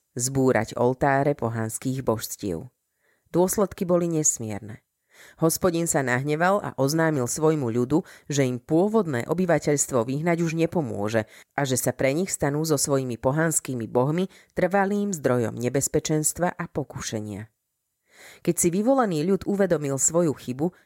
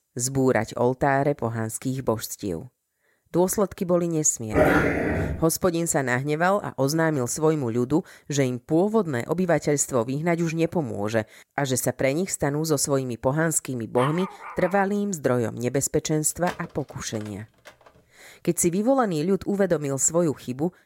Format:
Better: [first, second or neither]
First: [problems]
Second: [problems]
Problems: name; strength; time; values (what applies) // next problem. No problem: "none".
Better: first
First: none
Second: dog barking; loud; at 4.5 s; peak 5 dB above the speech // dog barking; noticeable; at 14 s; peak 8 dB below the speech // phone ringing; faint; from 16 to 18 s; peak 15 dB below the speech